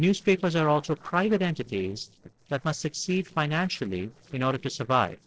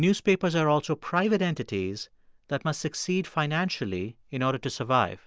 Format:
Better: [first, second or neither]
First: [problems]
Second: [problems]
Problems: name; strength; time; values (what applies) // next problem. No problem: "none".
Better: second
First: noise reduction (neural separator model SepFormer DNS4)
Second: none